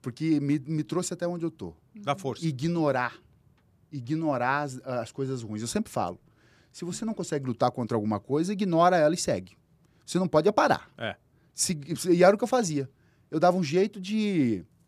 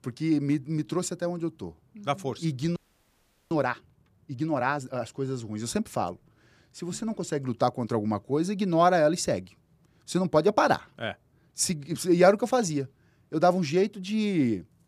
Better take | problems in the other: first | audio freezing; at 3 s for 1 s

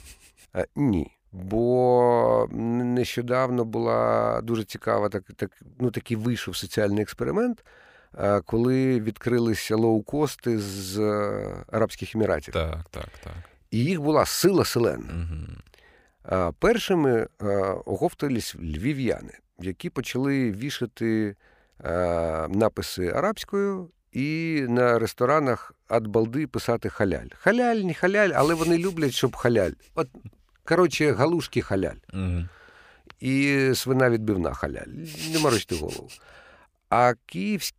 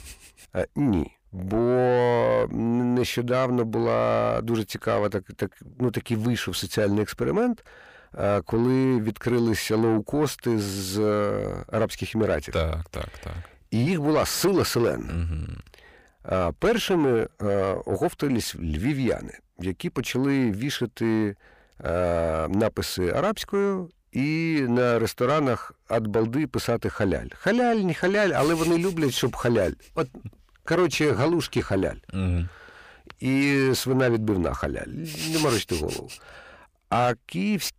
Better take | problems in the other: first | distortion; slight; 10 dB below the speech

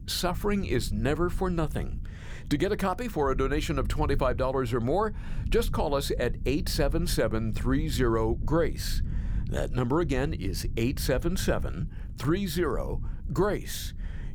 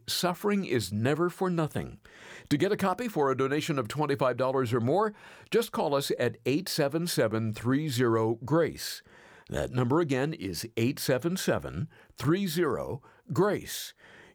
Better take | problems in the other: second | low rumble; faint; throughout; 20 dB below the speech

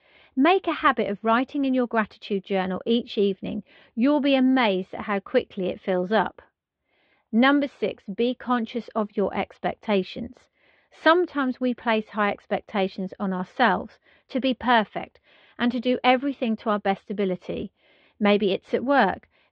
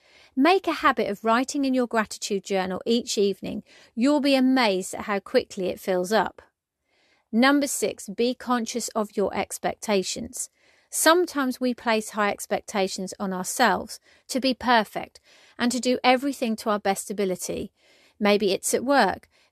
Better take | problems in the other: second | muffled; very; fading above 3.5 kHz

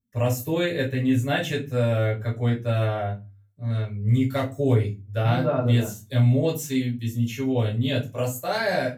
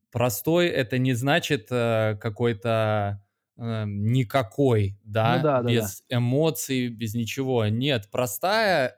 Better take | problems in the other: second | off-mic speech; far // room echo; very slight; dies away in 0.2 s

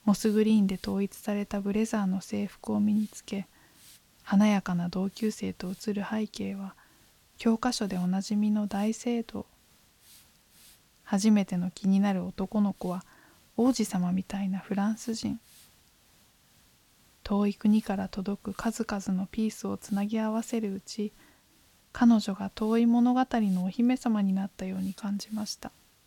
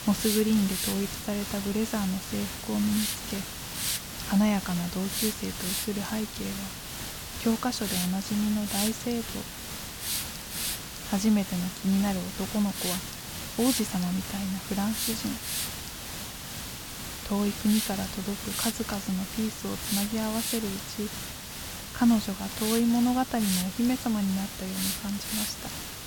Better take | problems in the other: first | hiss; loud; throughout; 3 dB below the speech; faint in the first

